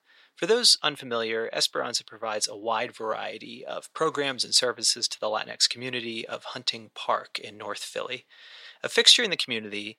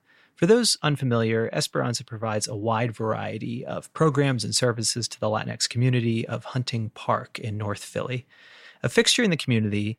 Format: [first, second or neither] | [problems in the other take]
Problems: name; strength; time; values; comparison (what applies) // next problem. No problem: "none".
second | thin; somewhat; fading below 450 Hz